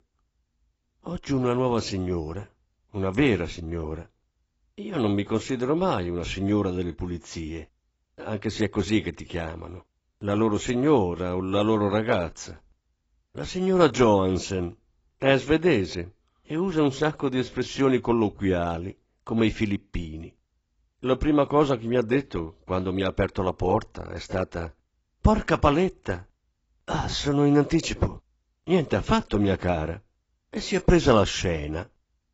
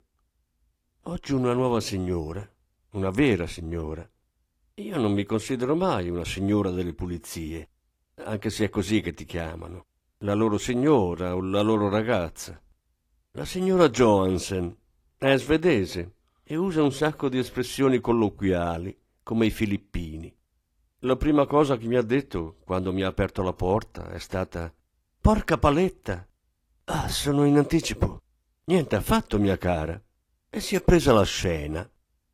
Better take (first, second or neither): second